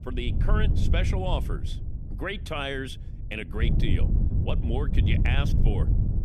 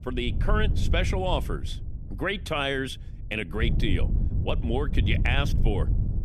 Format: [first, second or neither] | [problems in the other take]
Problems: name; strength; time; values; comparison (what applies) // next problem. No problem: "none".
second | wind noise on the microphone; heavy; 6 dB below the speech; occasional gusts in the second